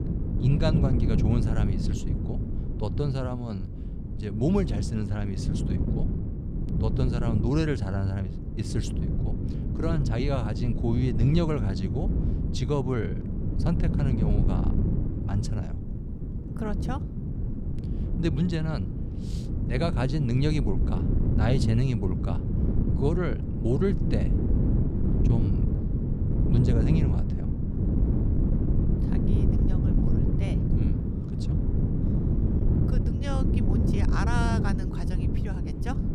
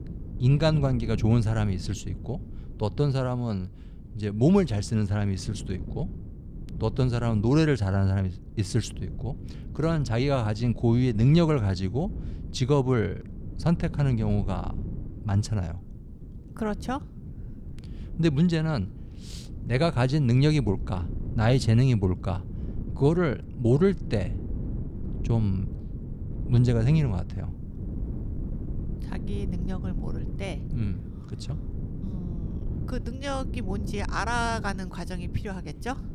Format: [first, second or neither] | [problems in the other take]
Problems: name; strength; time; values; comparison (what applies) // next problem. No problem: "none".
second | wind noise on the microphone; heavy; 3 dB below the speech; occasional gusts in the second